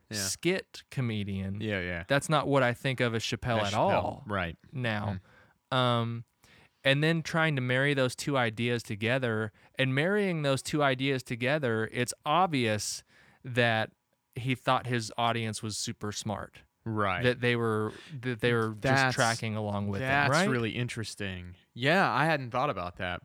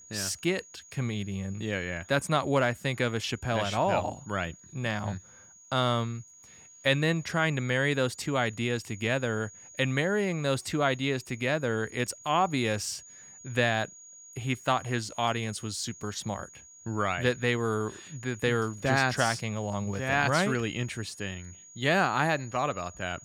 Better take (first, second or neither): first